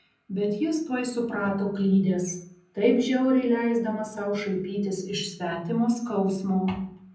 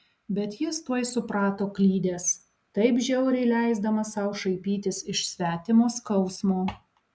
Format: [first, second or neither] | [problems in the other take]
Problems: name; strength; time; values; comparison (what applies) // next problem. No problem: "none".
second | background sound (Bowed string instrument); 18 dB below the speech // room echo; dies away in 0.6 s